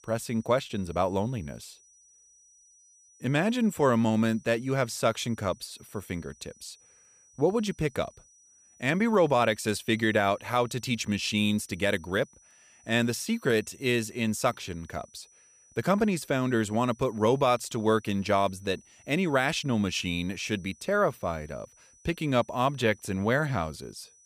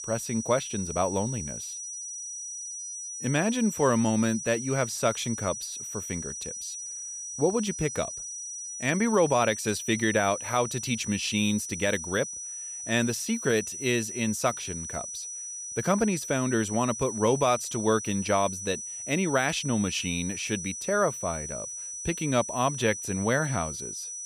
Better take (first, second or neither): first